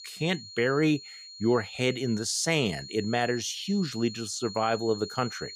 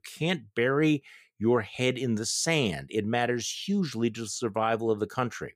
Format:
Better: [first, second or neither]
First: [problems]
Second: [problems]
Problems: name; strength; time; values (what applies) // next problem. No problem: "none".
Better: second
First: high-pitched whine; noticeable; throughout; 4.5 kHz, 15 dB below the speech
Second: none